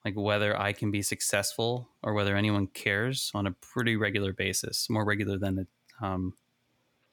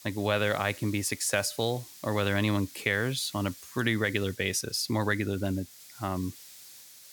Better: first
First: none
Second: hiss; noticeable; throughout; 20 dB below the speech

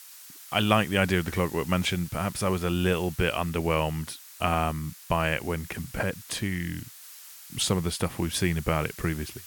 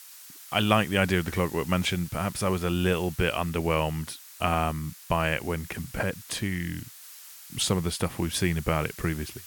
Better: neither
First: hiss; noticeable; throughout; 15 dB below the speech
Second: hiss; noticeable; throughout; 15 dB below the speech

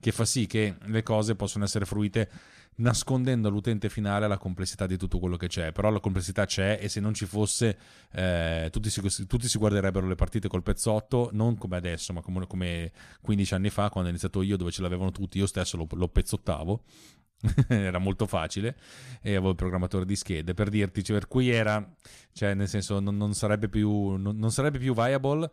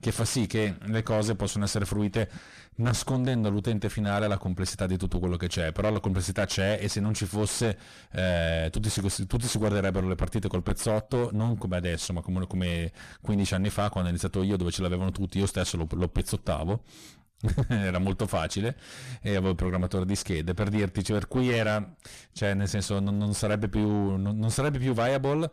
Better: first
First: none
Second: distortion; heavy; 6 dB below the speech

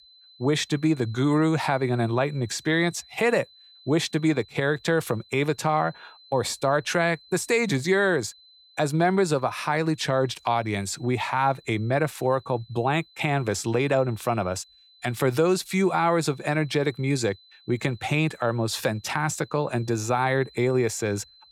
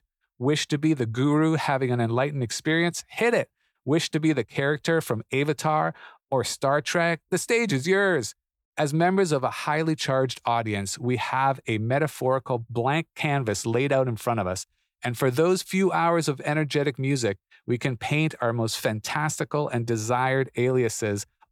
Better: second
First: high-pitched whine; faint; throughout; 4 kHz, 25 dB below the speech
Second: none

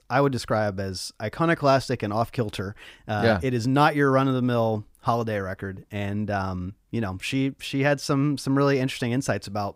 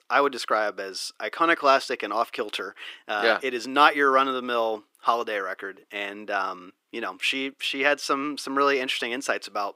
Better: first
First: none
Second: thin; somewhat; fading below 350 Hz

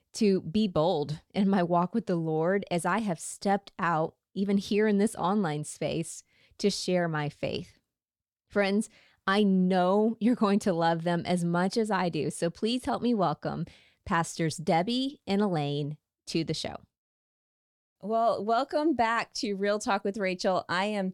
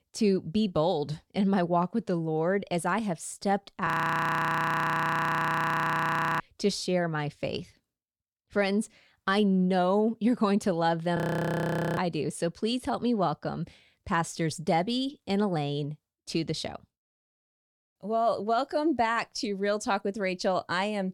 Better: first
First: none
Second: audio freezing; at 4 s for 2.5 s and at 11 s for 1 s

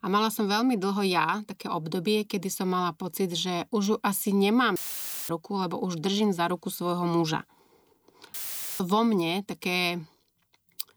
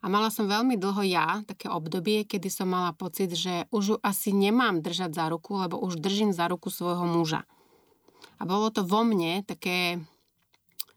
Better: second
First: audio cutting out; filled with static; at 5 s for 0.5 s and at 8.5 s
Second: none

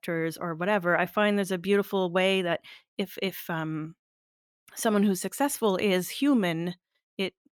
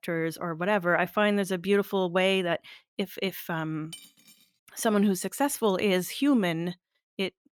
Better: first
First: none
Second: clattering dishes; faint; at 4 s; peak 20 dB below the speech

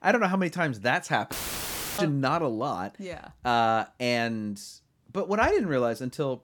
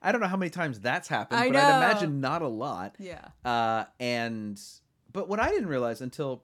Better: second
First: audio cutting out; filled with static; at 1.5 s for 0.5 s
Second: none

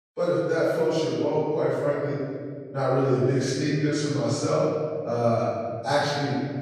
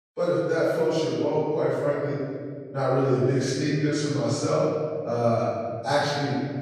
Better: neither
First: room echo; strong; dies away in 2 s // off-mic speech; far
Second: room echo; strong; dies away in 2 s // off-mic speech; far

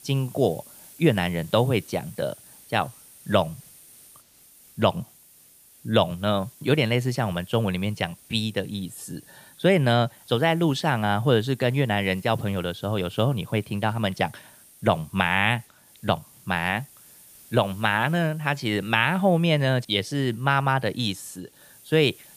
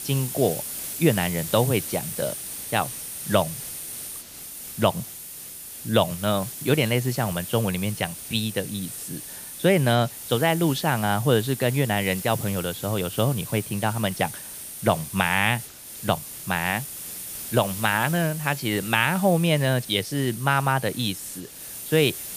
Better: first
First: hiss; faint; throughout; 25 dB below the speech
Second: hiss; loud; throughout; 9 dB below the speech

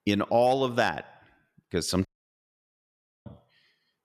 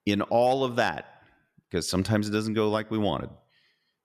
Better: second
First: audio cutting out; at 2 s for 1 s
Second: none

